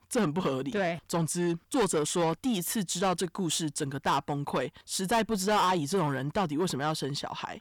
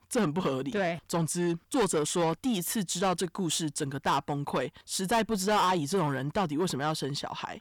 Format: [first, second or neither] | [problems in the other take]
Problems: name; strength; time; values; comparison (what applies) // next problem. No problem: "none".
neither | distortion; heavy; 7 dB below the speech; the same in both